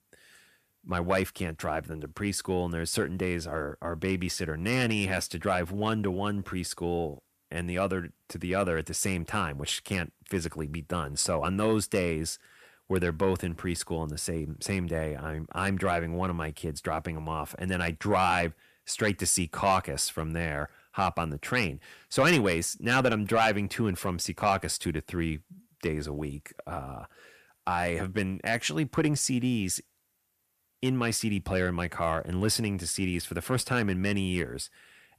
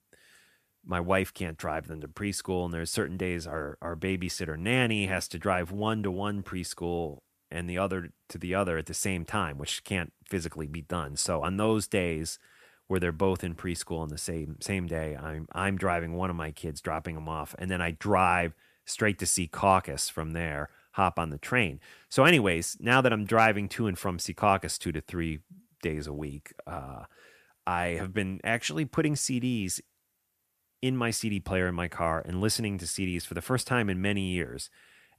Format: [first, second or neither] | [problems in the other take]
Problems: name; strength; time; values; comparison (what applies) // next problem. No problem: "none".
second | distortion; slight; 10 dB below the speech